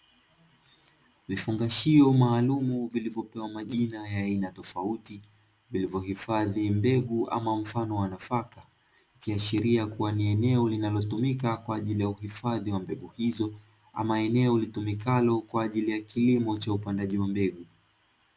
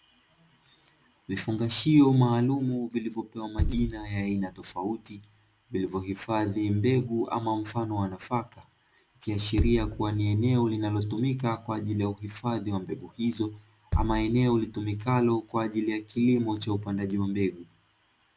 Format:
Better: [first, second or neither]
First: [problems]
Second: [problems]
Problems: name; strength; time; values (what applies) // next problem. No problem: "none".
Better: first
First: none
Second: background sound (Bass drum); 9 dB below the speech